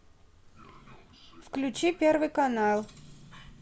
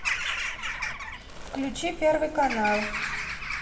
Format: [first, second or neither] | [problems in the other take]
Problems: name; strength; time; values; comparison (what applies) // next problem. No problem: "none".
first | background sound (Bird vocalization, bird call, bird song / Crow); 3 dB below the speech // room echo; dies away in 1.2 s